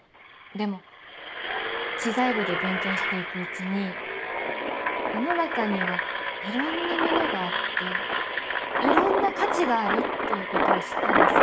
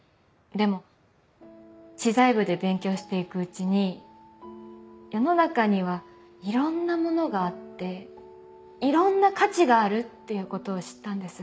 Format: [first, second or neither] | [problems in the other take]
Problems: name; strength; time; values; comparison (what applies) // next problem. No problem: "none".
second | background sound (Engine); 4 dB above the speech